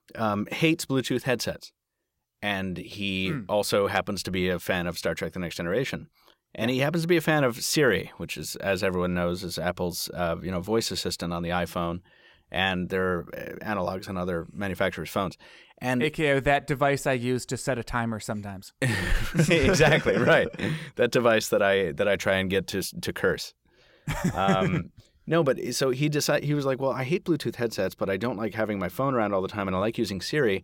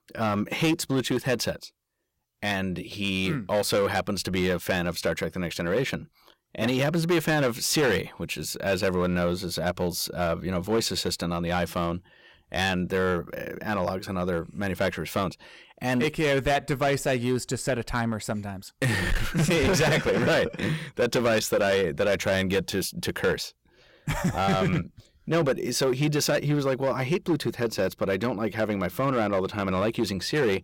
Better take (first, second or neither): first